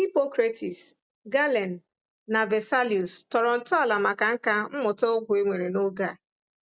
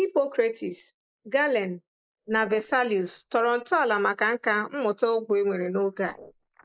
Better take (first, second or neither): first